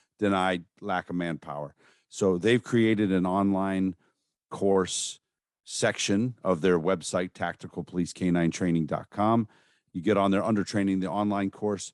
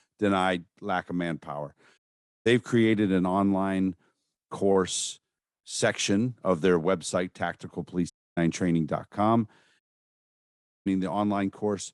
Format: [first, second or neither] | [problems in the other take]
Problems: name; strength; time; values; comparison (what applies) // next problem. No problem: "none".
first | audio cutting out; at 2 s, at 8 s and at 10 s for 1 s